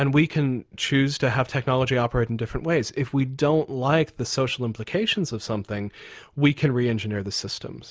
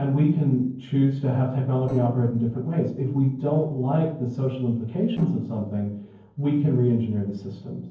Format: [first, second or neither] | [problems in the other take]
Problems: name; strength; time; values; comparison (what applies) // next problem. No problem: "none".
first | noise reduction (neural separator model SepFormer DNS4)